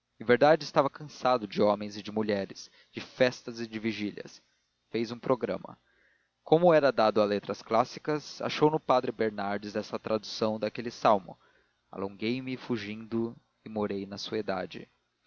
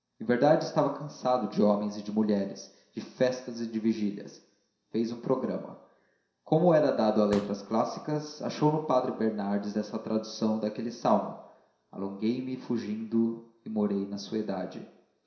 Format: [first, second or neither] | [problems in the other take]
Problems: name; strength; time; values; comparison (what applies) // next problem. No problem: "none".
first | background sound (Explosion); 15 dB below the speech // room echo; dies away in 0.7 s